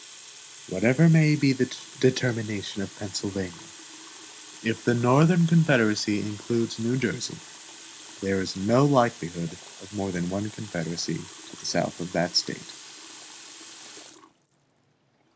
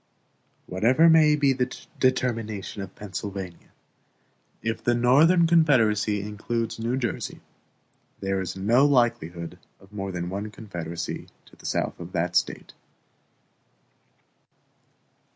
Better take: second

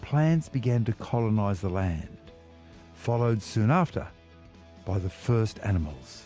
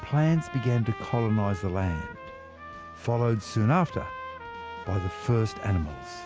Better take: first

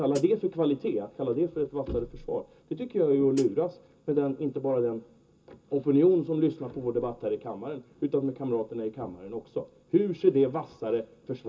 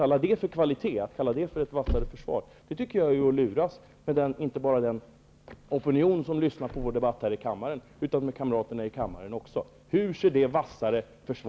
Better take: second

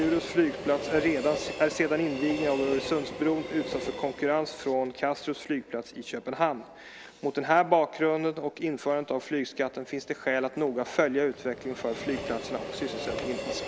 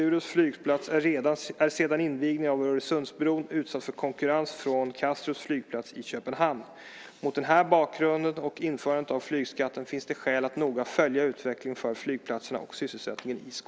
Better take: second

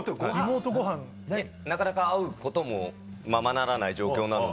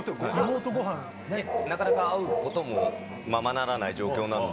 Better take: first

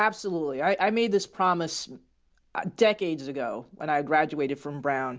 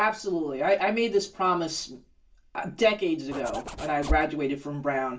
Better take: first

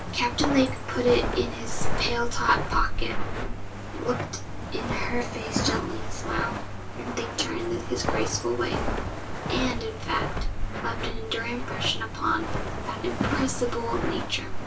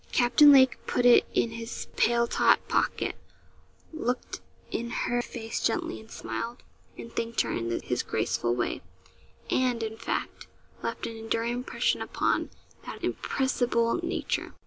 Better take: second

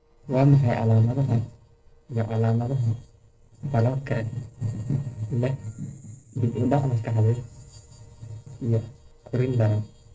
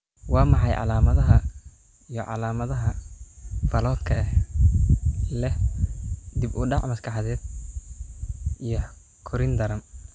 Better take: second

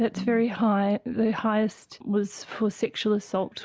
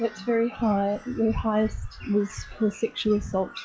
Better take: first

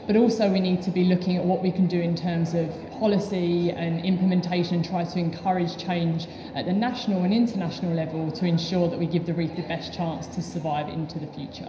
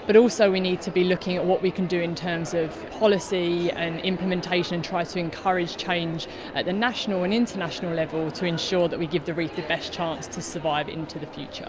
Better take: second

